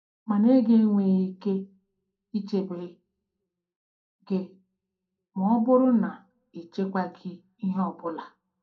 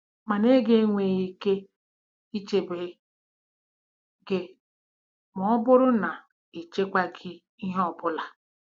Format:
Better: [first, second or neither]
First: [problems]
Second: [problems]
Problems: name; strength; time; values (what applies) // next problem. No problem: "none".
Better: second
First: room echo; dies away in 0.2 s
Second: none